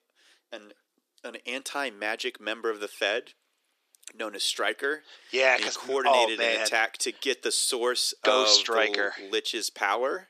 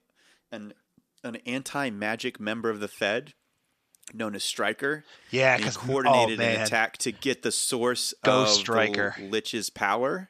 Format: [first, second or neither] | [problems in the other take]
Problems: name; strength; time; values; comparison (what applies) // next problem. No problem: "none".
second | thin; somewhat; fading below 350 Hz